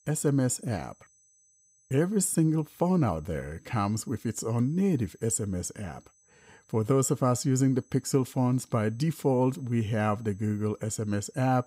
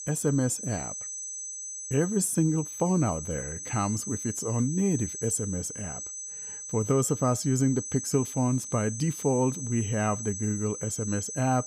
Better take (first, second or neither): first